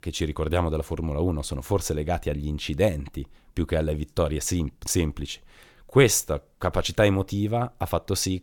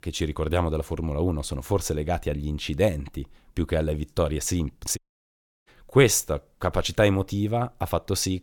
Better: first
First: none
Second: audio cutting out; at 5 s for 0.5 s

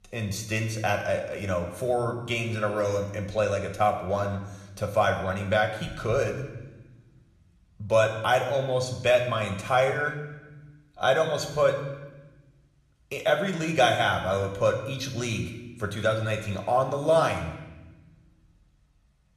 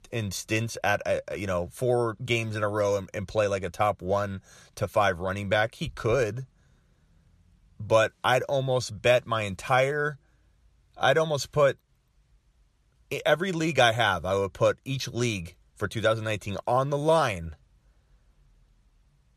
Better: second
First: room echo; slight; dies away in 0.9 s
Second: none

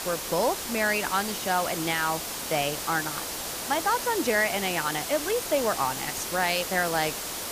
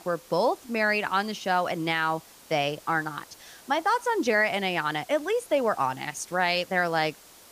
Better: second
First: hiss; loud; throughout; 4 dB below the speech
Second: hiss; faint; throughout; 25 dB below the speech

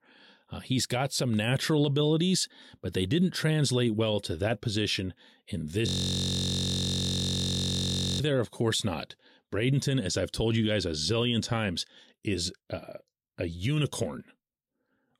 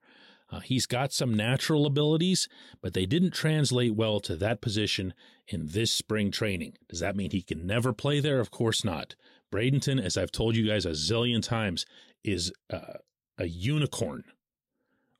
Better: second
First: audio freezing; at 6 s for 2.5 s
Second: none

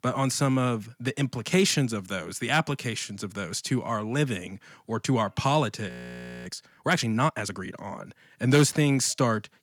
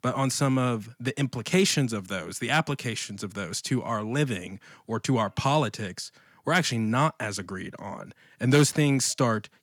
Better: second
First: audio freezing; at 6 s for 0.5 s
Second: none

